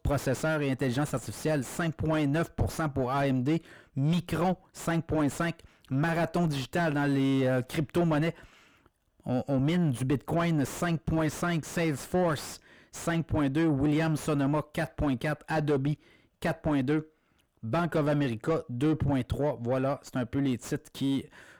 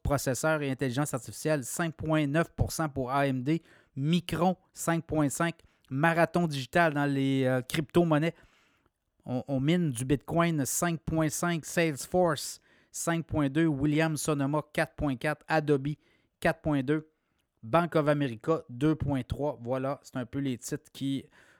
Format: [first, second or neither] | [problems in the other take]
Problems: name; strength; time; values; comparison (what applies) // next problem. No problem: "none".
second | distortion; heavy; 7 dB below the speech